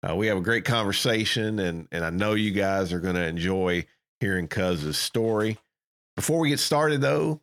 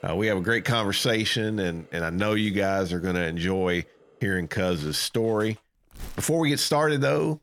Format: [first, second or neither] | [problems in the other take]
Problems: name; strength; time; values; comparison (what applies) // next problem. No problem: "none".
first | household noises; faint; throughout; 25 dB below the speech